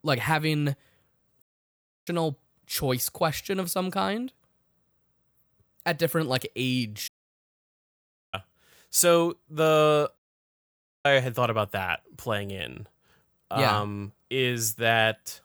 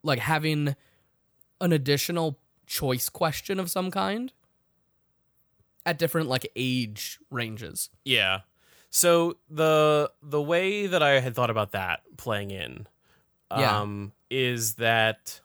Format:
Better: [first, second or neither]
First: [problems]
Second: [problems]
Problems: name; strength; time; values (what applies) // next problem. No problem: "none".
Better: second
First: audio cutting out; at 1.5 s for 0.5 s, at 7 s for 1.5 s and at 10 s for 1 s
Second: none